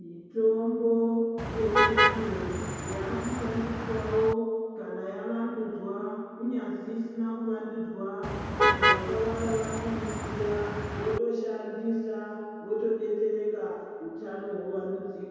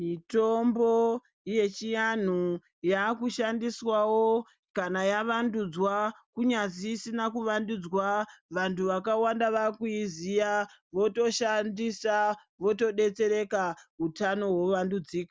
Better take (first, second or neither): second